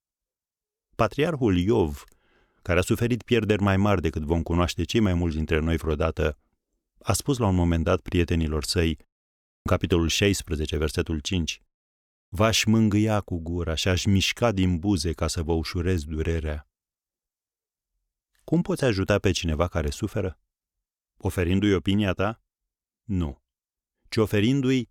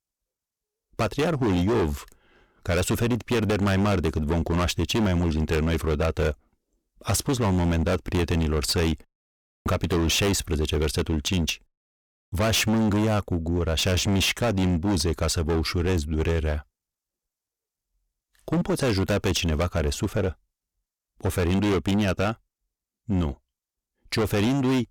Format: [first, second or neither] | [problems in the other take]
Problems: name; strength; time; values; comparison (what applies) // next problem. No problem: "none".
first | distortion; heavy; 20% of the sound clipped